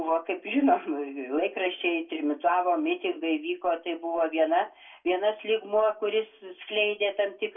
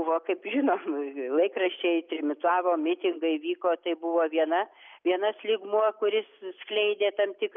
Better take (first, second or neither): second